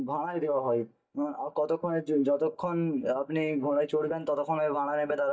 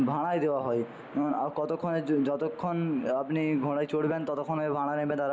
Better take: second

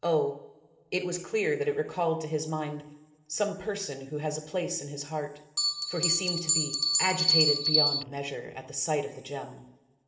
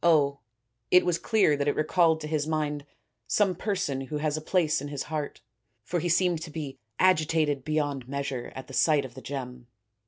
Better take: second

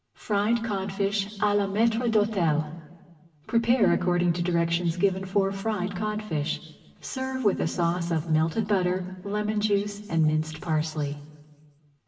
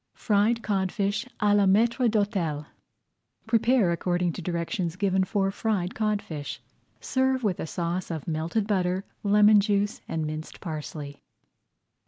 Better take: second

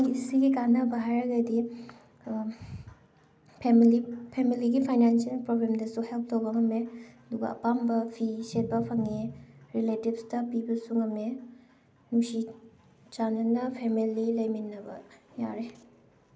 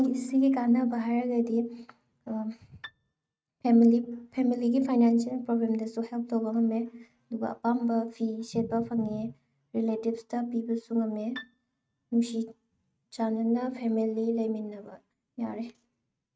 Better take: first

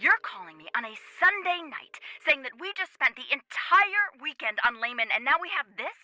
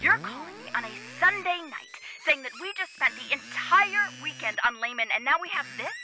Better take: first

